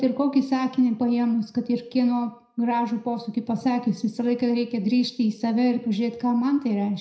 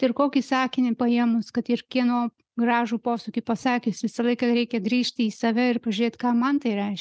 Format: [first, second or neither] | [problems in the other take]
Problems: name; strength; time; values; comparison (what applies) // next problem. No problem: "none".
second | room echo; dies away in 0.5 s